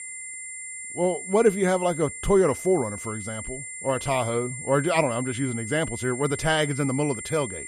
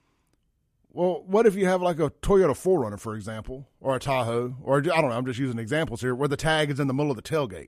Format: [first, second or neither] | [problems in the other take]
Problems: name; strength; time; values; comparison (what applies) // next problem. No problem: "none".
second | high-pitched whine; loud; throughout; 2 kHz, 9 dB below the speech